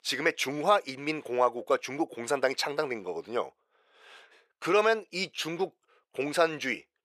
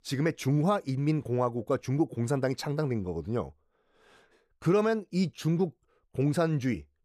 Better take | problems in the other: second | thin; very; fading below 550 Hz

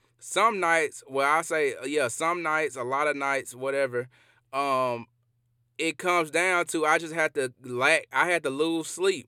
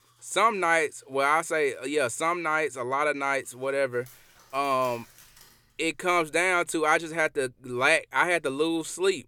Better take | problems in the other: first | household noises; faint; throughout; 30 dB below the speech

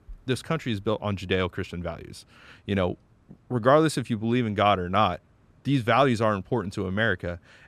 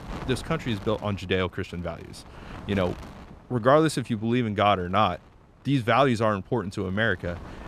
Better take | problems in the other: first | wind noise on the microphone; occasional gusts; 20 dB below the speech

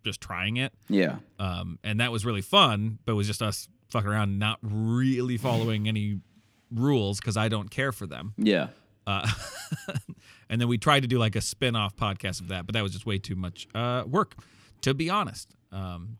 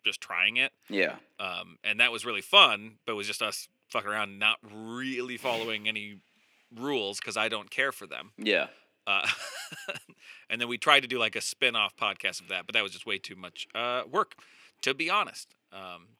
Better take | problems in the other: first | thin; very; fading below 450 Hz

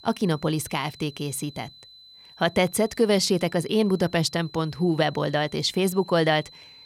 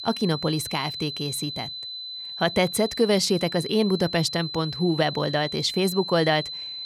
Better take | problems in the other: first | high-pitched whine; loud; throughout; 4 kHz, 8 dB below the speech; faint in the first

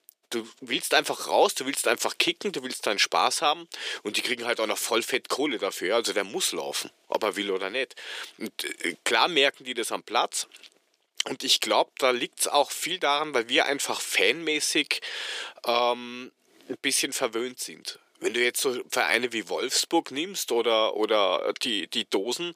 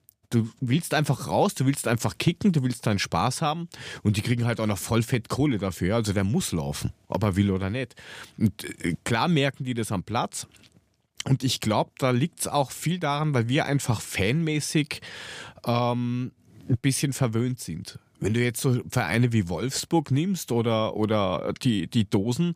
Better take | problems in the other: second | thin; very; fading below 400 Hz

